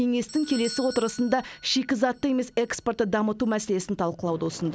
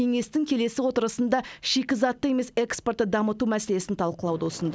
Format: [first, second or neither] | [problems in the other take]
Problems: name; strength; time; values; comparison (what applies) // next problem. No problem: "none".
second | background sound (Doorbell); 19 dB below the speech